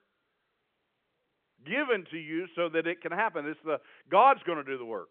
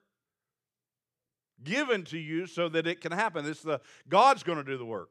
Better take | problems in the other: second | phone-call audio; nothing above 3.5 kHz

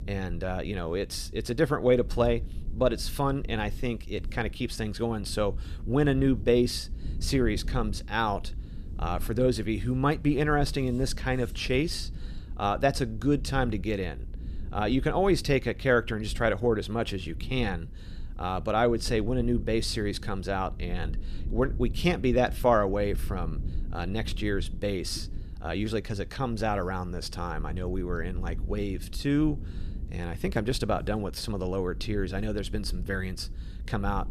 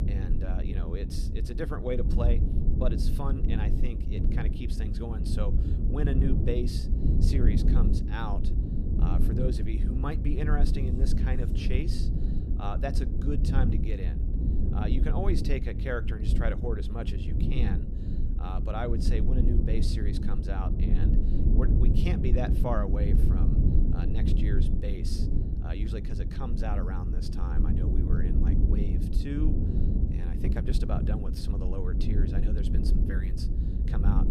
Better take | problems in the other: first | low rumble; loud; throughout; 2 dB below the speech; faint in the first

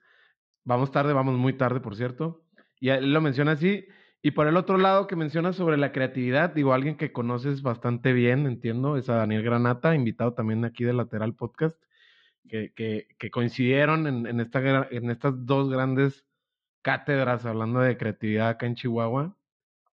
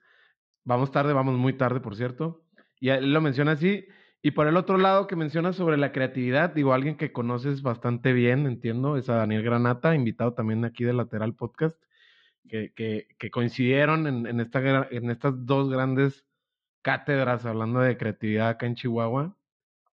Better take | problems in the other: neither | muffled; slightly; fading above 4 kHz; the same in both

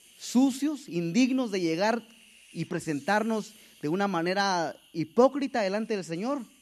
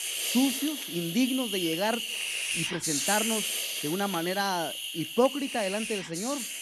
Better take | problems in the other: first | hiss; loud; throughout; 1 dB below the speech; faint in the first

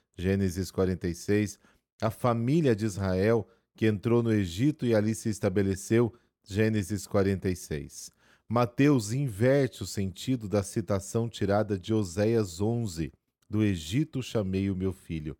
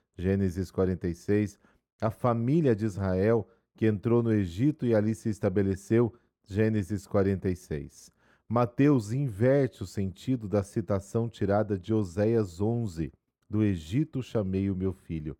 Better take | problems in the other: first | muffled; slightly; fading above 2 kHz

